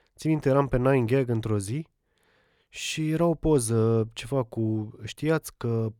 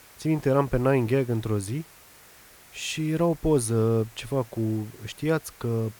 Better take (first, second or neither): first